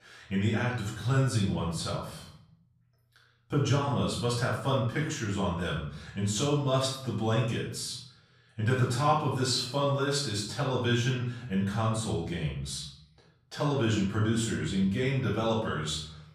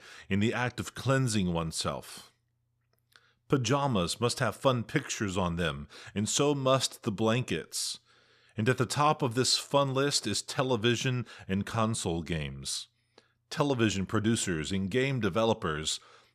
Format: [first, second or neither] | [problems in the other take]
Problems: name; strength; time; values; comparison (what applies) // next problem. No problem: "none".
second | off-mic speech; far // room echo; noticeable; dies away in 0.6 s